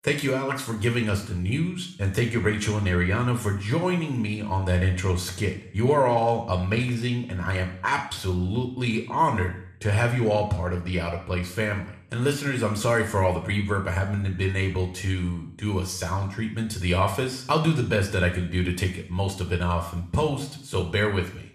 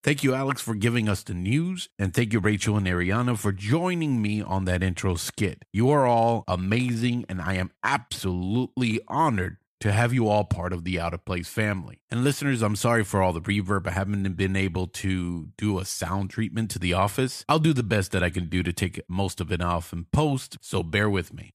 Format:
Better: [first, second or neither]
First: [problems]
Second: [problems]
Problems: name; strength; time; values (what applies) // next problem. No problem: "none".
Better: second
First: room echo; slight; dies away in 0.6 s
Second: none